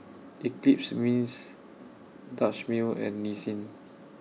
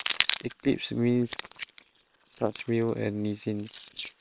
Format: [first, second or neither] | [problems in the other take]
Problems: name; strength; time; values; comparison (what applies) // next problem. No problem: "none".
first | noise reduction (neural separator model SepFormer WHAM!)